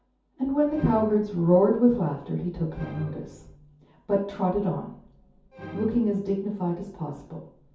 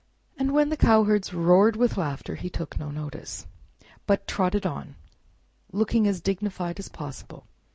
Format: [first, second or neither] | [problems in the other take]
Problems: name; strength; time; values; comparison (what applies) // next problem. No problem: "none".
second | background sound (Musical instrument); 19 dB below the speech // room echo; dies away in 0.6 s